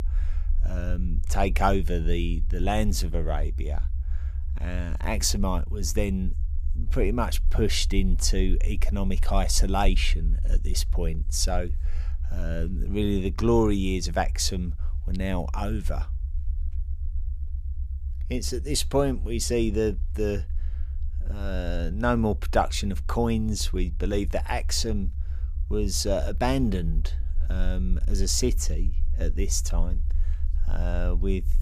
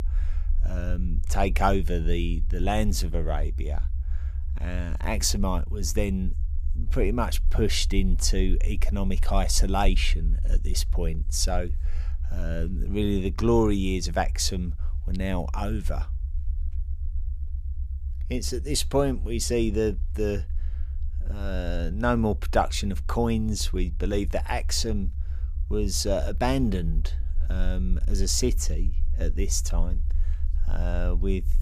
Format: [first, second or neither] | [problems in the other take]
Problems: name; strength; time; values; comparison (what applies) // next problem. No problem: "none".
neither | low rumble; faint; throughout; 20 dB below the speech; the same in both